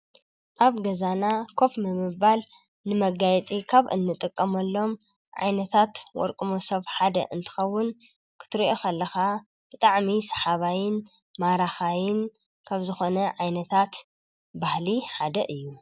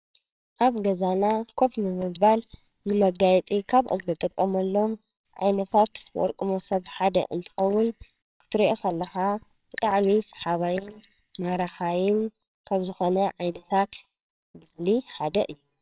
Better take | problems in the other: first | noise reduction (neural separator model SepFormer WHAMR!)

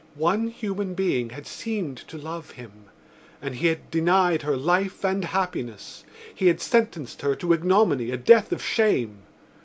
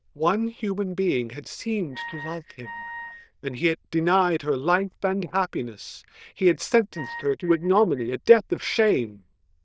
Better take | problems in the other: first | noise reduction (neural diffusion model UNIVERSE++)

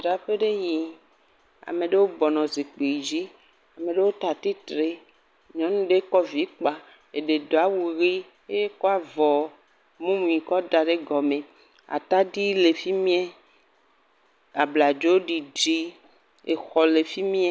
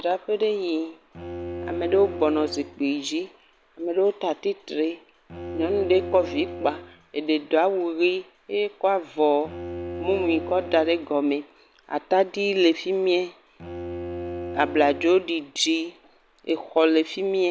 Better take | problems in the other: first | background sound (Bowed string instrument); 13 dB below the speech

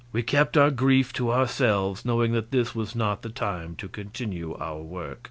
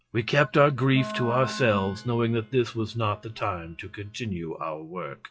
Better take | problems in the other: first | noise reduction (classical method WPE with log-MMSE)

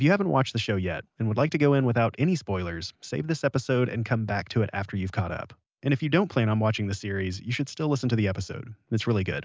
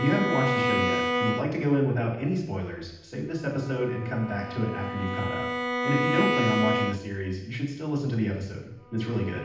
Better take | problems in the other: first | background sound (Bowed string instrument); 3 dB below the speech // room echo; dies away in 0.8 s

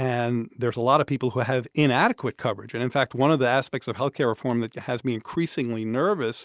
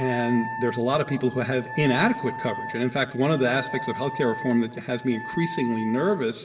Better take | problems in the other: first | background sound (Wind instrument, woodwind instrument); 10 dB below the speech // room echo; dies away in 1.8 s

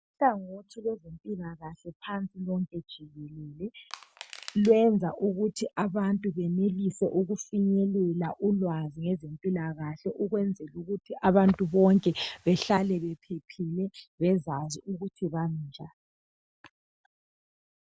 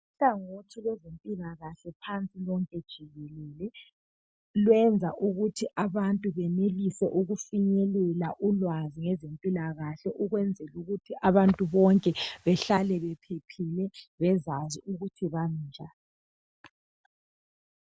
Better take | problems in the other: second | background sound (Crushing); 18 dB below the speech

